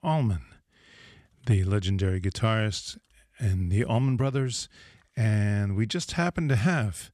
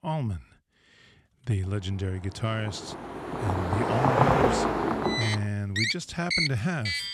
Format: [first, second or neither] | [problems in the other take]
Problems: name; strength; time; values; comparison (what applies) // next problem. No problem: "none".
first | traffic noise; very loud; from 1.5 s on; 4 dB above the speech